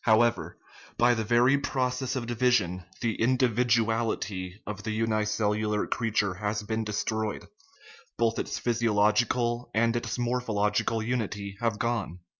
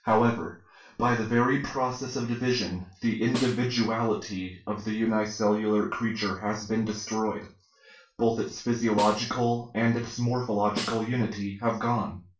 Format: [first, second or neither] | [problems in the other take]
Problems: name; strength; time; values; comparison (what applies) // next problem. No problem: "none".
first | background sound (Snare drum); 13 dB below the speech // room echo; dies away in 0.3 s